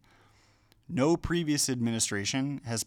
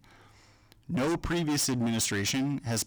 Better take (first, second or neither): first